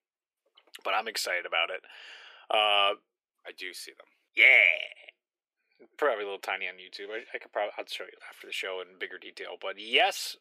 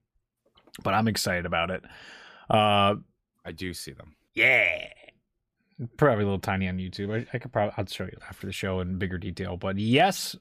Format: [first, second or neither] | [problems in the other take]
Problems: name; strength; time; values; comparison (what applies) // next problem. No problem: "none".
second | thin; very; fading below 400 Hz